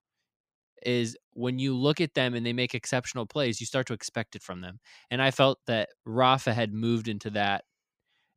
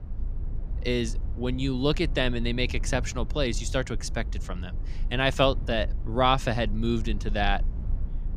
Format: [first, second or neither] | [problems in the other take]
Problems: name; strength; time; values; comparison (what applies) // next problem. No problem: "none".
first | low rumble; faint; throughout; 20 dB below the speech